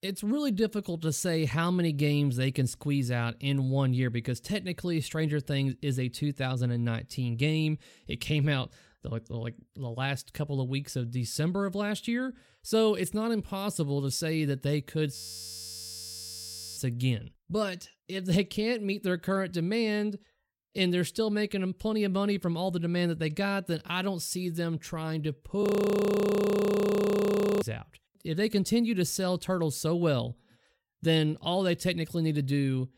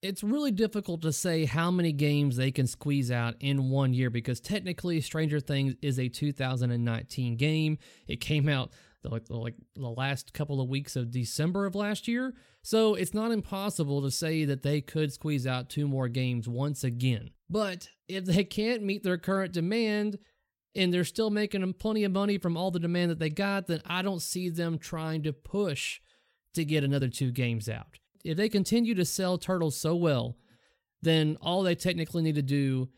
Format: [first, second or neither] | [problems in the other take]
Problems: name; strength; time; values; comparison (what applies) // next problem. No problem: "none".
second | audio freezing; at 15 s for 1.5 s and at 26 s for 2 s